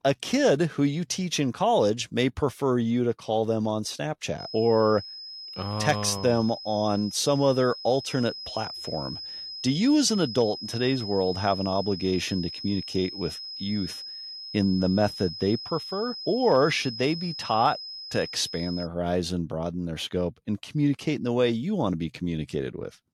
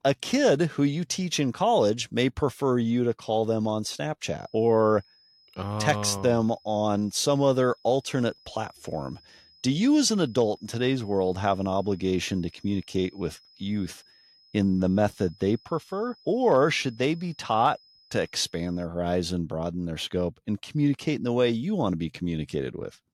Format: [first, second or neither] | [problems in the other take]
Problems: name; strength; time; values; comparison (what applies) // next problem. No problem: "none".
second | high-pitched whine; loud; from 4.5 to 19 s; 5 kHz, 10 dB below the speech; faint in the second